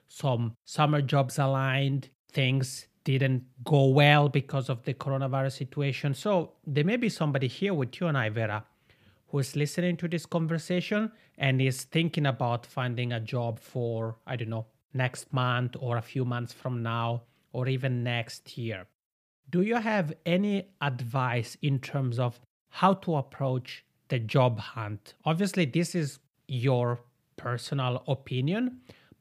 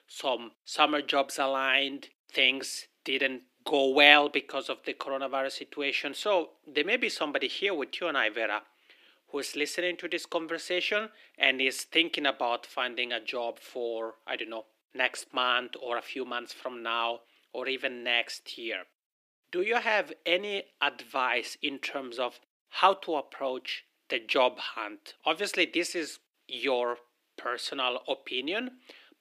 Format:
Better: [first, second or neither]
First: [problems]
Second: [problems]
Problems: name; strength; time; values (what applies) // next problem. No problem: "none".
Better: first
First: none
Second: thin; very; fading below 300 Hz